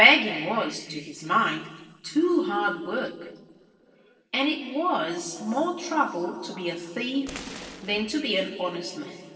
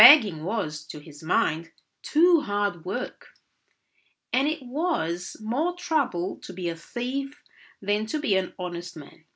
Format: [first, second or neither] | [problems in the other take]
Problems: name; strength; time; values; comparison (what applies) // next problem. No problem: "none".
second | noise reduction (neural separator model SepFormer DNS4)